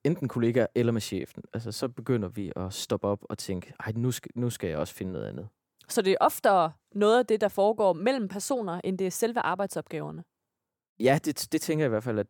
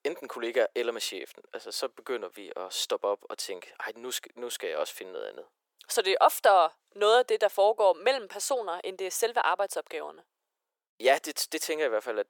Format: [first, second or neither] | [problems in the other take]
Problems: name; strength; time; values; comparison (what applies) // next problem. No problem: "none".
first | thin; very; fading below 450 Hz